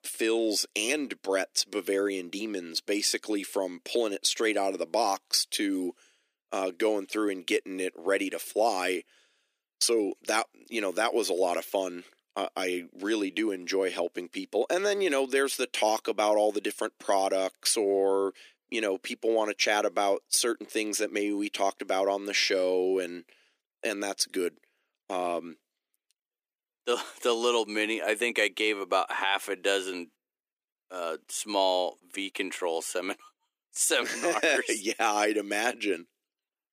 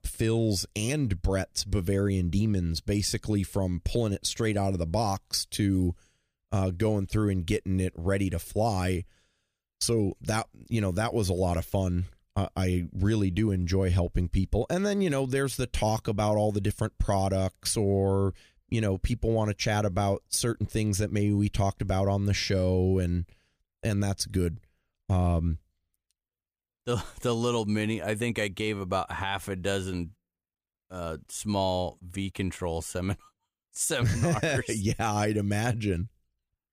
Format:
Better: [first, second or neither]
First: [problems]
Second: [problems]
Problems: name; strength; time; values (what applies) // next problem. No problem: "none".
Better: second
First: thin; very; fading below 300 Hz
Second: none